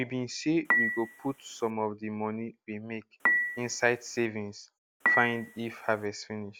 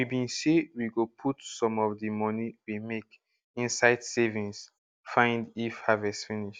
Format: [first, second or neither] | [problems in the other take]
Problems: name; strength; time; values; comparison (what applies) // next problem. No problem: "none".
second | background sound (Dishes, pots, and pans / Chink, clink); 2 dB above the speech